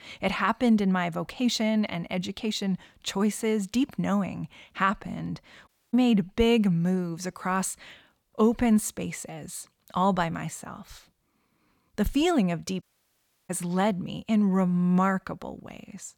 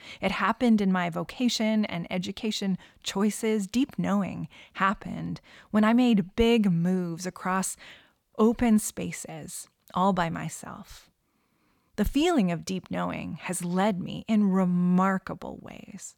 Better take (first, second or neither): second